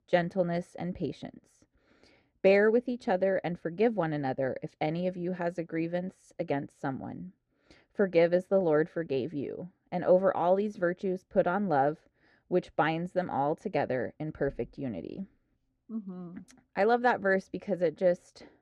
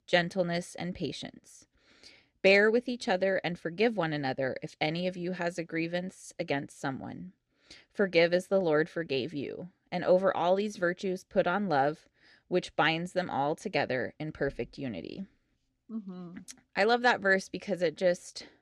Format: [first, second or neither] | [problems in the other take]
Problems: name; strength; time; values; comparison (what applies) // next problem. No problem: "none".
second | muffled; slightly; fading above 2 kHz